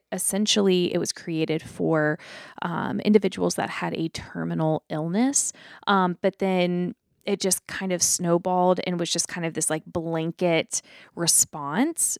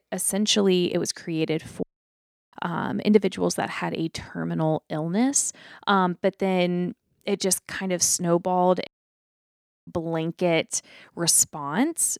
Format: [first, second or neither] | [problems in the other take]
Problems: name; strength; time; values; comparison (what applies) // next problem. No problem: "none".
first | audio cutting out; at 2 s for 0.5 s and at 9 s for 1 s